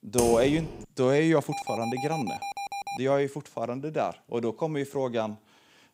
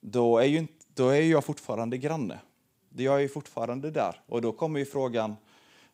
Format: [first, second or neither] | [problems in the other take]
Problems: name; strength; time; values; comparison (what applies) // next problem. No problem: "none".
second | keyboard typing; noticeable; at the start; peak 3 dB below the speech // alarm; noticeable; from 1.5 to 3 s; peak 6 dB below the speech